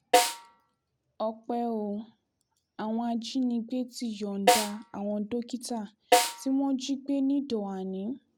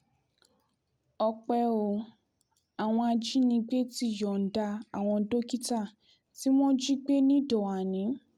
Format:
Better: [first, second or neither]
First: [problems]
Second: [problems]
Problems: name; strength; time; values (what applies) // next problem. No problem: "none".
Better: second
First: background sound (Snare drum); 3 dB above the speech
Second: none